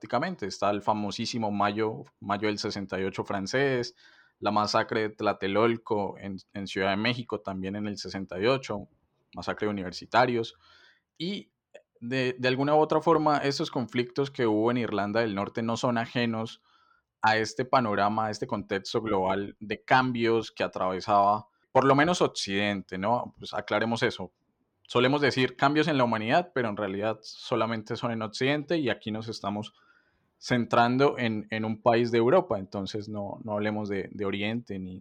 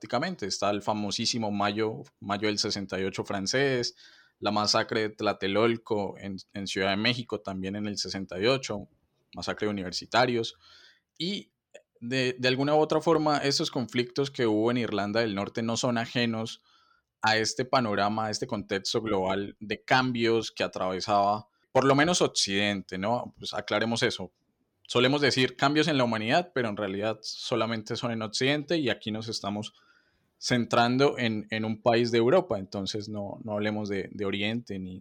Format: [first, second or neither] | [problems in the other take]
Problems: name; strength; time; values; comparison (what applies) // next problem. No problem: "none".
second | muffled; slightly; fading above 3.5 kHz